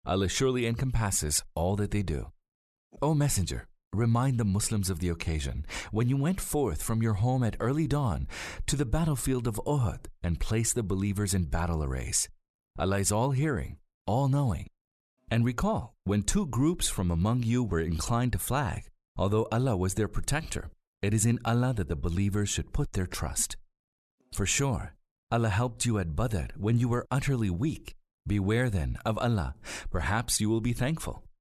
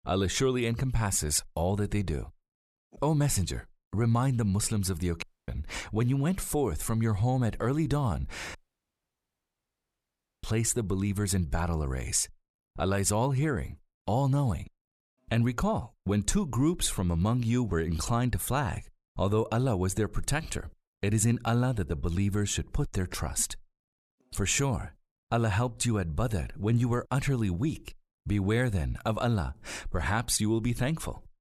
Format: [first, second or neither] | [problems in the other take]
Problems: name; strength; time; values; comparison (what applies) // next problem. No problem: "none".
first | audio cutting out; at 5 s and at 8.5 s for 2 s